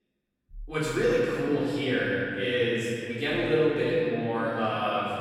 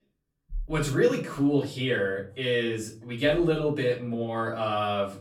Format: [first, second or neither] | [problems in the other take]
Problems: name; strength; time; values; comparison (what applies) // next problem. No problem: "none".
second | room echo; strong; dies away in 2.9 s; slight in the second // off-mic speech; far; far in the second